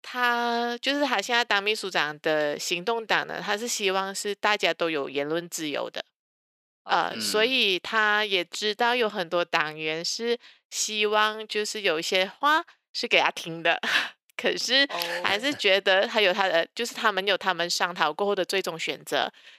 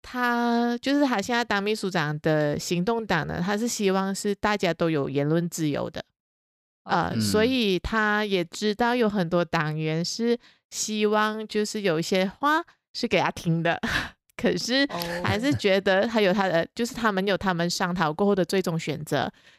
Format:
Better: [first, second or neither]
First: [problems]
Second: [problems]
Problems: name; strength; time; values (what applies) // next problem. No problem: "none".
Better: second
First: thin; somewhat; fading below 450 Hz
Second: none